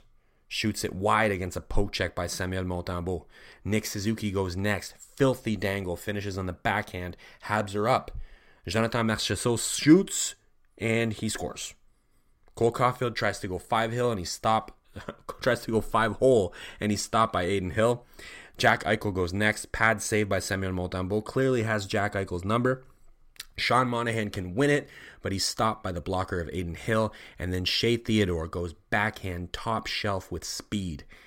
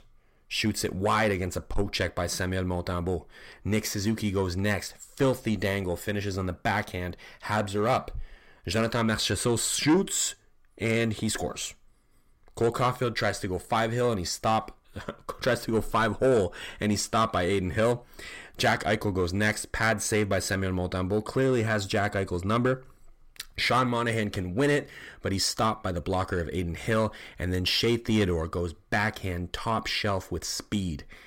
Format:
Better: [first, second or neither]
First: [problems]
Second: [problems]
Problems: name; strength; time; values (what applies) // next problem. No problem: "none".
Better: first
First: none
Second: distortion; slight; 10 dB below the speech